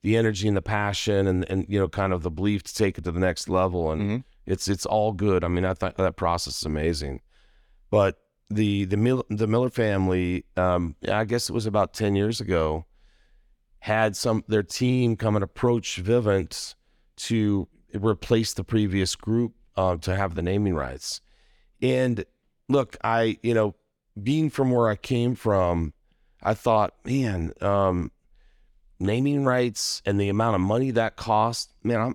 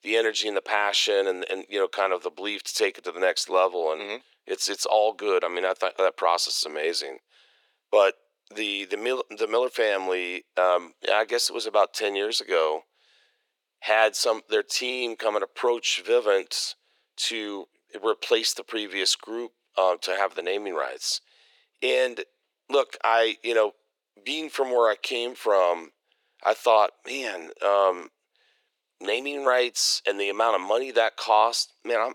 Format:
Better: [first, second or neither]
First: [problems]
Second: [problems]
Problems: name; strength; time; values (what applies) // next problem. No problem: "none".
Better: first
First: none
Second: thin; very; fading below 400 Hz